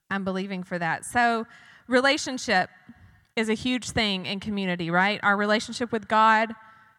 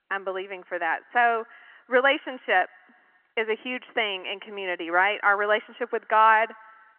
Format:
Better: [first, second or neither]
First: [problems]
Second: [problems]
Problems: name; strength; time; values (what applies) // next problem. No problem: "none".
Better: first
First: none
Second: phone-call audio; nothing above 3 kHz